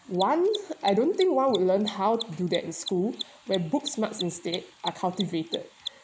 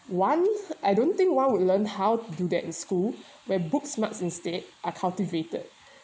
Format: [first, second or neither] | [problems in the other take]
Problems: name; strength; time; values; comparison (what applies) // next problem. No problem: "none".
second | background sound (Mechanisms); 13 dB below the speech